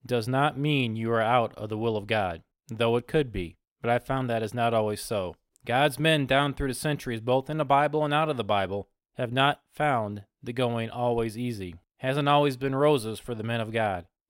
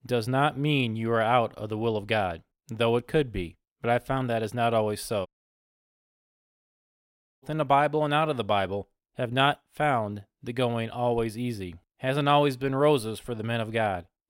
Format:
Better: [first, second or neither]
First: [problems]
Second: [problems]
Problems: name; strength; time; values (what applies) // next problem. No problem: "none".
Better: first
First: none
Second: audio cutting out; at 5.5 s for 2 s